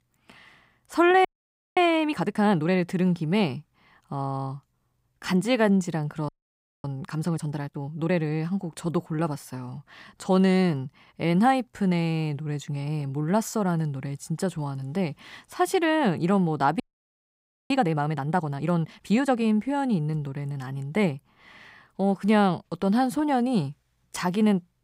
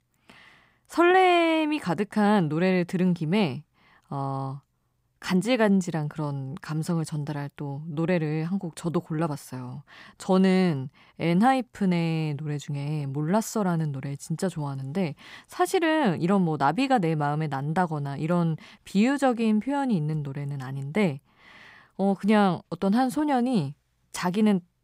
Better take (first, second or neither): second